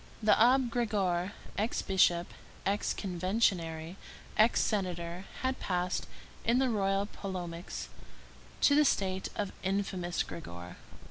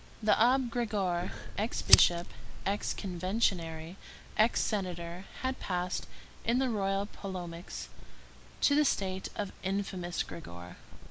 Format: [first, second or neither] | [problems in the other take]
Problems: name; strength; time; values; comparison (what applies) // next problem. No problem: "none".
first | background sound (Fire); 1 dB above the speech